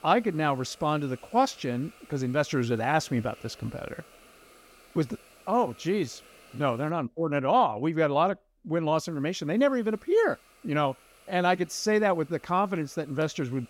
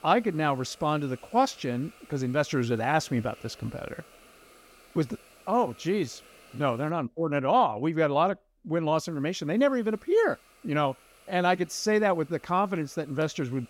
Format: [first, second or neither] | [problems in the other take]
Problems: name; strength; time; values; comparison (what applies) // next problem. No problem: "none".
neither | hiss; faint; until 7 s and from 9 s on; 25 dB below the speech; the same in both